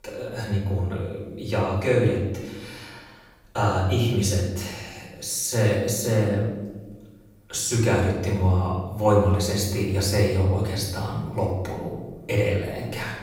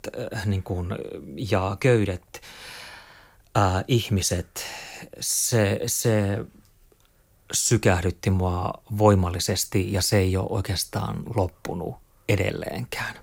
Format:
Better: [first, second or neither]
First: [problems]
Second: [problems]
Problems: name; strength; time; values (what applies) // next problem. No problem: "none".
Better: second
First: off-mic speech; far // room echo; noticeable; dies away in 1 s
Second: none